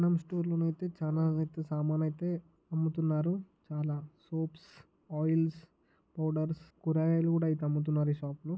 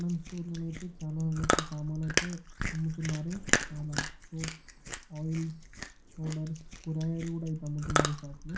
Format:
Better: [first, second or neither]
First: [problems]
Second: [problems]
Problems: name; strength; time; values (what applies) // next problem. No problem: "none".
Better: first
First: none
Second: background sound (Chewing, mastication); as loud as the speech // room echo; dies away in 0.3 s